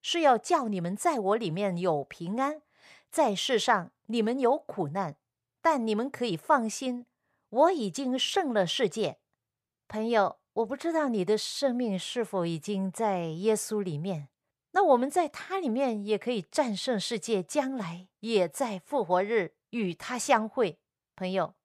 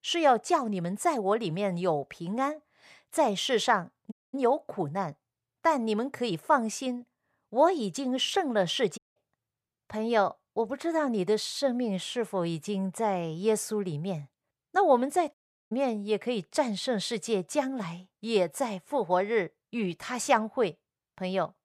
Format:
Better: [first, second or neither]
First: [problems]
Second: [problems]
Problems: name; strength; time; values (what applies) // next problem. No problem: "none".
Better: first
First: none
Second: audio cutting out; at 4 s, at 9 s and at 15 s